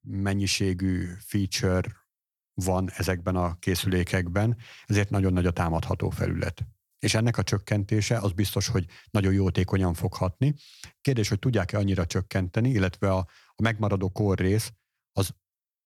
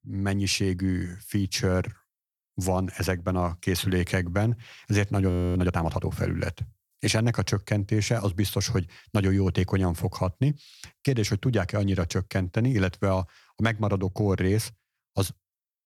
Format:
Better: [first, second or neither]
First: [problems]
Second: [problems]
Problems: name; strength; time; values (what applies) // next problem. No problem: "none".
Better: first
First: none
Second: audio freezing; at 5.5 s